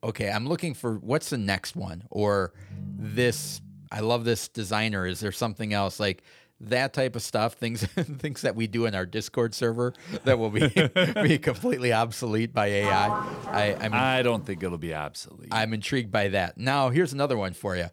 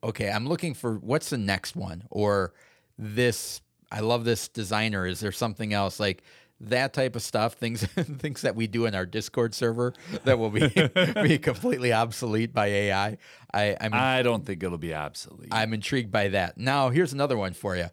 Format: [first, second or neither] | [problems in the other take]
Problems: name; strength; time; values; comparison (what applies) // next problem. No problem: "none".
second | phone ringing; faint; from 2.5 to 4 s; peak 10 dB below the speech // door banging; loud; from 13 to 14 s; peak level with the speech